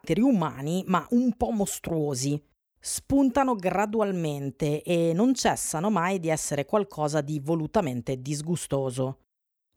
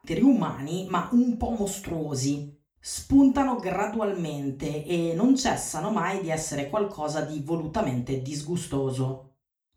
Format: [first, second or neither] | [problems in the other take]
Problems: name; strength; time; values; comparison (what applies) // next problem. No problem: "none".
first | room echo; slight; dies away in 0.3 s // off-mic speech; far